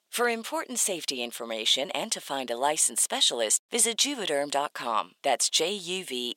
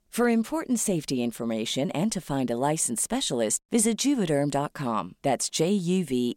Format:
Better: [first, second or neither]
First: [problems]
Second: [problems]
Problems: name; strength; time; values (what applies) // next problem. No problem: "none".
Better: second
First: thin; somewhat; fading below 600 Hz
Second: none